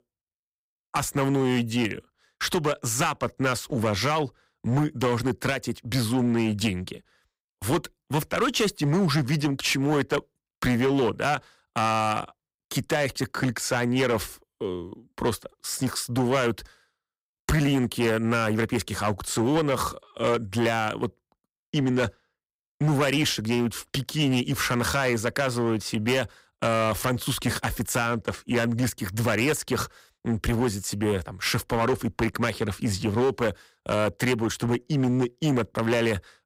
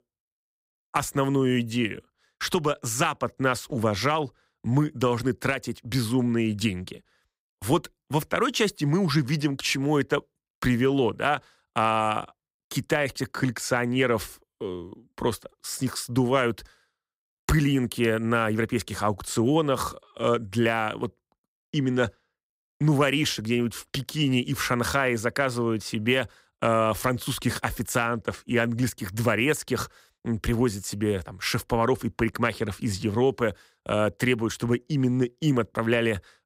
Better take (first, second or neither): second